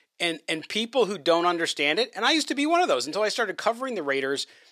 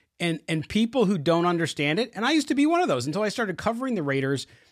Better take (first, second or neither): second